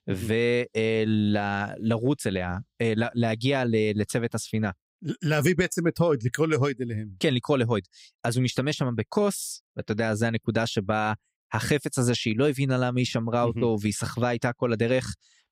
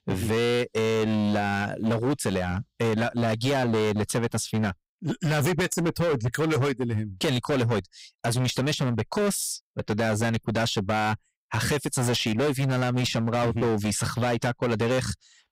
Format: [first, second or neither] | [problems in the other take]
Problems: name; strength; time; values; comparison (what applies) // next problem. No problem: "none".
first | distortion; heavy; 23% of the sound clipped